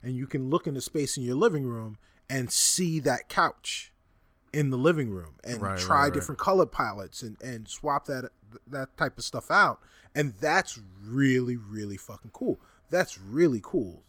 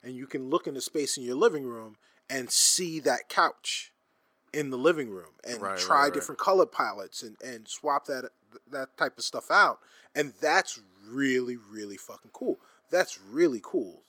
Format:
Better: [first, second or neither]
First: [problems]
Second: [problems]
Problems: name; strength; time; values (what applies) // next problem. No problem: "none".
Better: first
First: none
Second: thin; very slightly; fading below 350 Hz